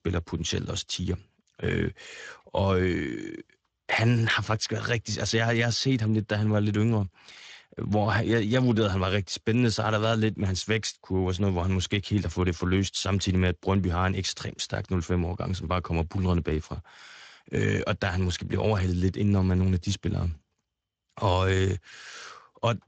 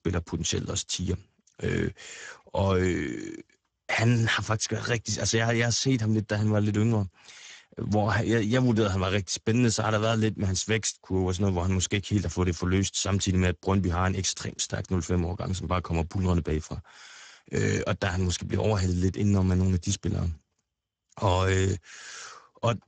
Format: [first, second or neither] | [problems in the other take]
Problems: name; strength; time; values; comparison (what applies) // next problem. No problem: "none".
first | garbled, watery; badly; nothing above 7.5 kHz; slightly in the first